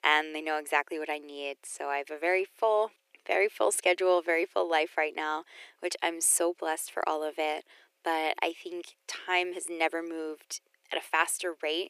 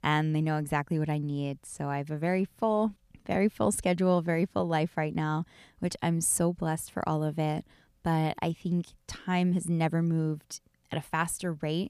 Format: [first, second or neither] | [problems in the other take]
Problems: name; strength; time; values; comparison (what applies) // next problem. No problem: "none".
second | thin; very; fading below 350 Hz